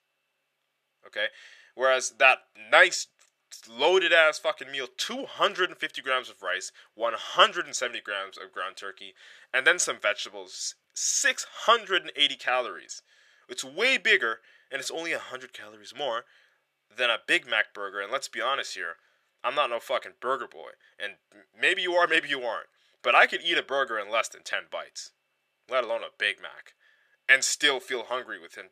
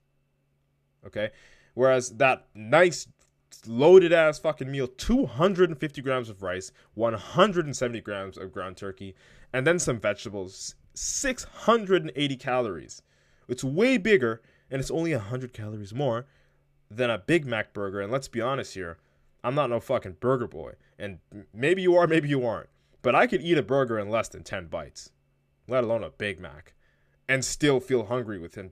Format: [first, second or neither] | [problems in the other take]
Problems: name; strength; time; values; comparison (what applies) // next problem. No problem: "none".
second | thin; very; fading below 750 Hz